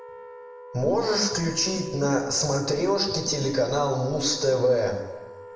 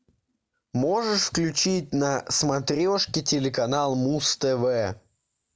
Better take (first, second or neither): second